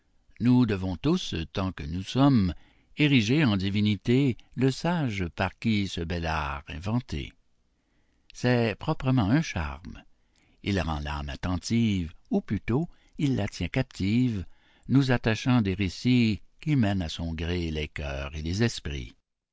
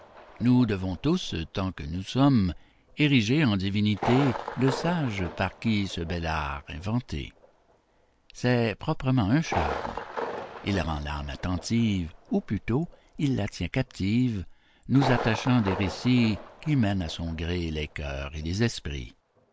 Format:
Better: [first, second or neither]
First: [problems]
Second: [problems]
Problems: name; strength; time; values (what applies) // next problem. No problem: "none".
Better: first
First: none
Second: background sound (Thunder); 12 dB below the speech